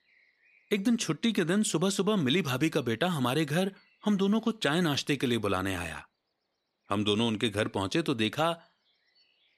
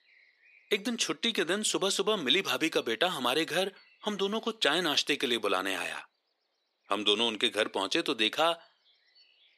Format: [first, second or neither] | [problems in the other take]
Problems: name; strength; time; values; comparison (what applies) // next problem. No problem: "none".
first | thin; somewhat; fading below 400 Hz